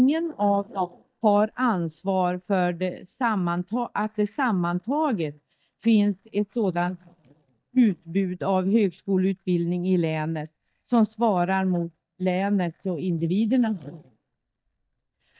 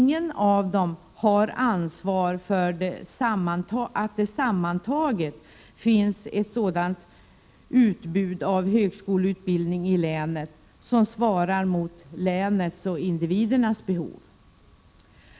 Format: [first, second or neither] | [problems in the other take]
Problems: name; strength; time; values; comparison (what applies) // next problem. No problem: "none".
second | noise reduction (neural mask model DeepFilterNet 3)